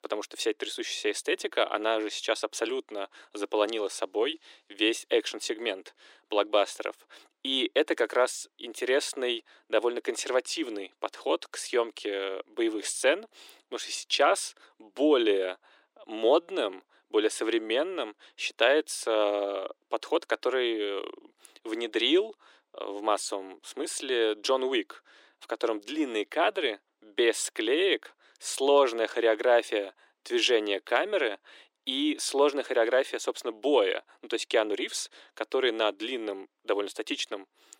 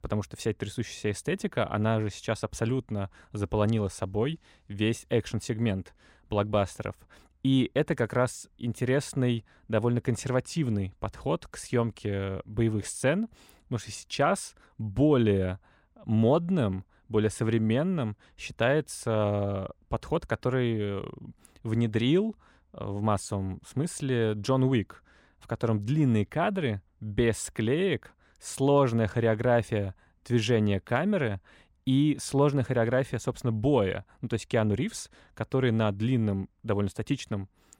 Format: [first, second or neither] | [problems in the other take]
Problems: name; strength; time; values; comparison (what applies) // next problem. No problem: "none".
second | thin; very; fading below 300 Hz